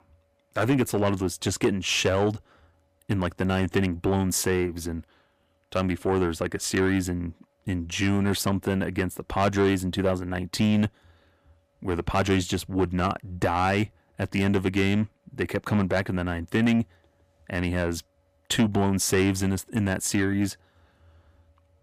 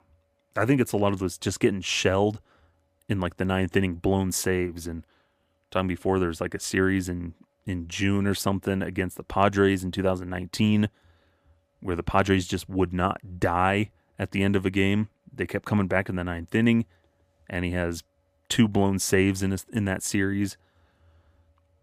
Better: second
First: distortion; slight; 10 dB below the speech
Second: none

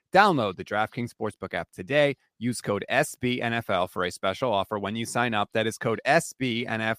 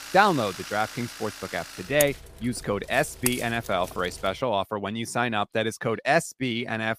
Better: first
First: none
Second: household noises; loud; until 4.5 s; 8 dB below the speech

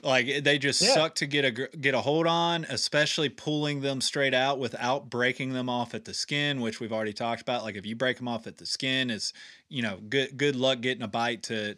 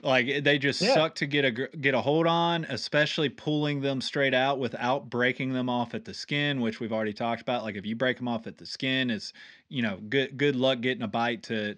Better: first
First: none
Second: muffled; very slightly; fading above 3.5 kHz

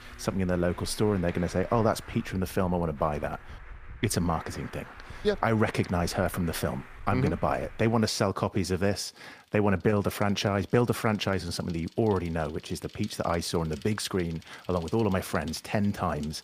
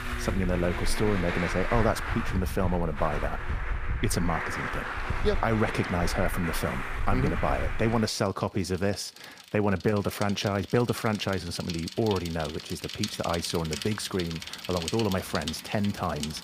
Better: first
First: traffic noise; faint; throughout; 20 dB below the speech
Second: traffic noise; loud; throughout; 5 dB below the speech

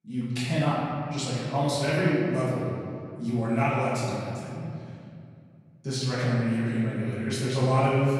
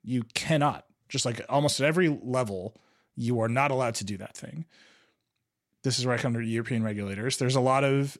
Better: second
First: room echo; strong; dies away in 2.5 s // off-mic speech; far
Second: none

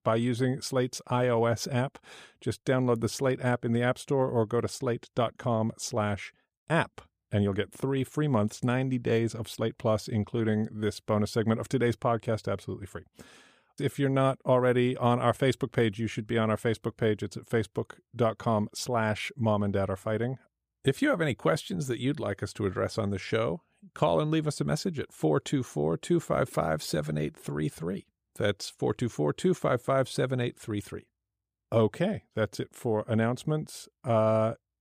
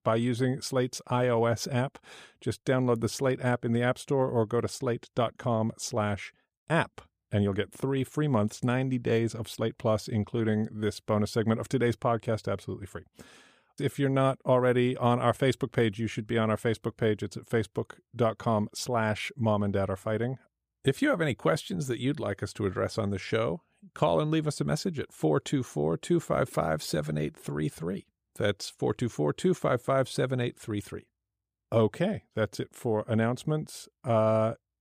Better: neither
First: none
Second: none

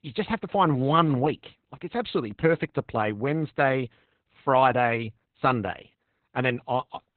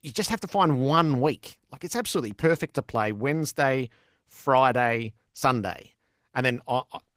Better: second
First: garbled, watery; badly; nothing above 4 kHz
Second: garbled, watery; slightly; nothing above 15.5 kHz

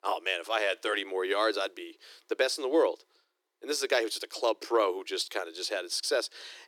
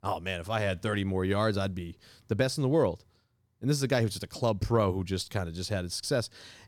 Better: second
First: thin; very; fading below 300 Hz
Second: none

